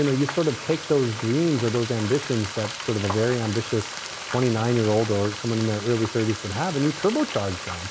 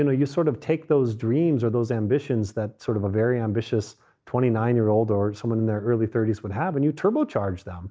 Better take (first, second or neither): second